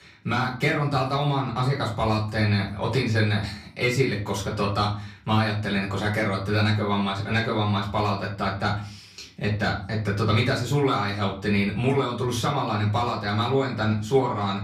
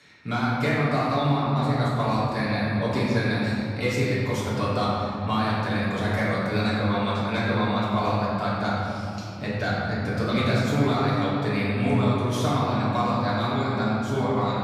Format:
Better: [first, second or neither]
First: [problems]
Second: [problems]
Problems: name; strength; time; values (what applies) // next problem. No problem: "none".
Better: first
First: room echo; slight; dies away in 0.4 s // off-mic speech; far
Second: room echo; strong; dies away in 3 s // off-mic speech; far